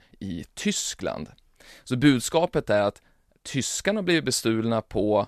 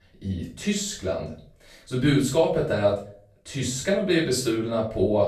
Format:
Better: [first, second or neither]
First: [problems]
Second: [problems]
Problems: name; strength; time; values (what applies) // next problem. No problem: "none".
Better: first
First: none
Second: off-mic speech; far // room echo; noticeable; dies away in 0.4 s